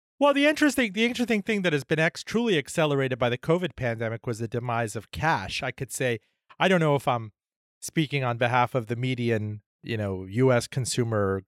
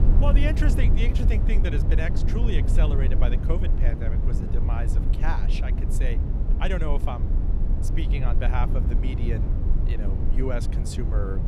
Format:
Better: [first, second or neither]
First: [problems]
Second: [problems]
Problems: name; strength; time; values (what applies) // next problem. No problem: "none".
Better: first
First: none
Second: low rumble; loud; throughout; 4 dB below the speech